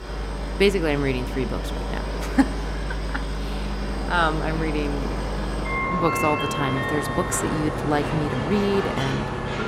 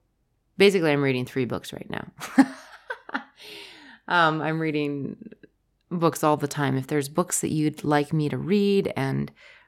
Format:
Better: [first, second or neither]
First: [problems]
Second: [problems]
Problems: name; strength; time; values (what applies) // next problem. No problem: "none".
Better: second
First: train or aircraft noise; loud; throughout; 2 dB below the speech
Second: none